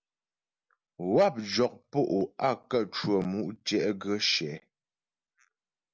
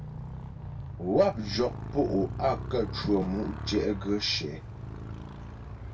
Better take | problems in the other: first | background sound (Motorcycle); 8 dB below the speech // room echo; dies away in 0.2 s

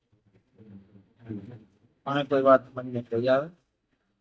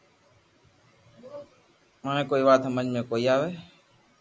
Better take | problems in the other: second | noise reduction (neural mask model DeepFilterNet 3)

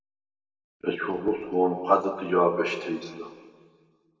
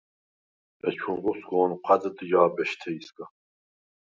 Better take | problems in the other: second | room echo; dies away in 1.8 s

